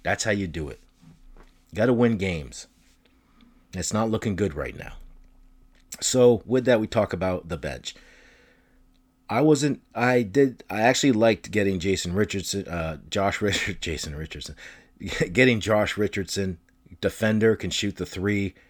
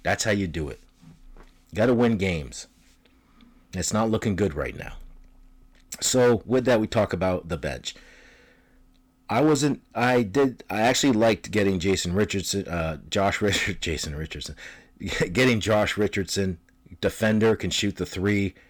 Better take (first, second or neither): first